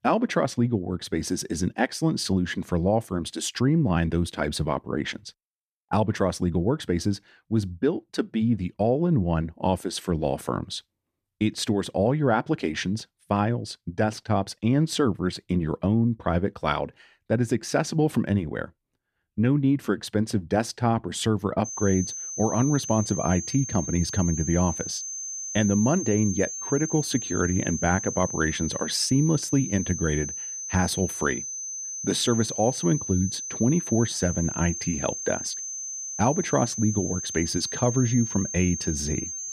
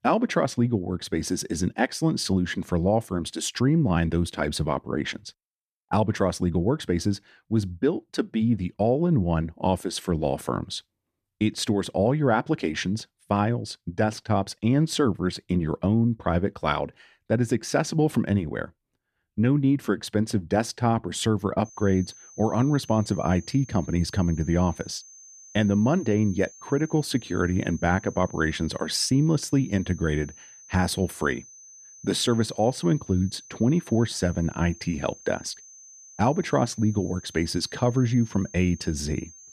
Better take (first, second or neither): second